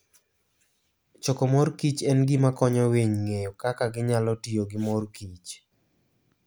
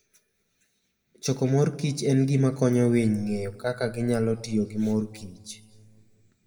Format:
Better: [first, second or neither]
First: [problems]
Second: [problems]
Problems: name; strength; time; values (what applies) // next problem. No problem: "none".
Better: first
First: none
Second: room echo; dies away in 1.1 s